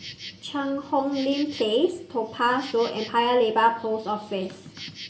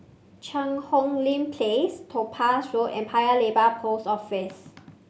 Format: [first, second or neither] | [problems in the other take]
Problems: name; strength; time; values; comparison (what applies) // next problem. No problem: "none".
second | background sound (Insect); 18 dB below the speech // room echo; dies away in 0.4 s